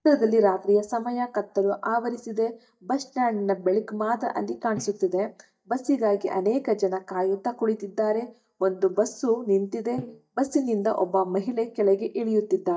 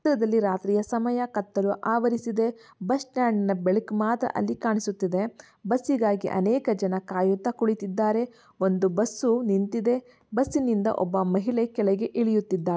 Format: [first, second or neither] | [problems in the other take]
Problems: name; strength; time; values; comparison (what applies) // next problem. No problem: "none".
second | noise reduction (neural mask model DeepFilterNet 3)